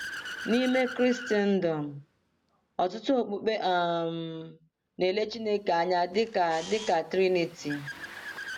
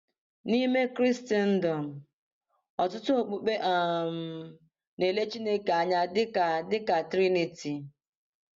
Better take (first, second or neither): second